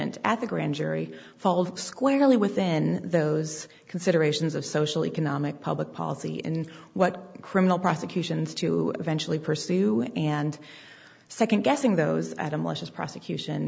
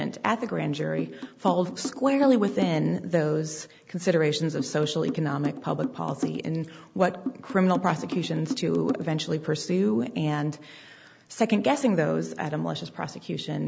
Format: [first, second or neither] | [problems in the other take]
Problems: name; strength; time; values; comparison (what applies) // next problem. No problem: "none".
first | background sound (Drum); 8 dB below the speech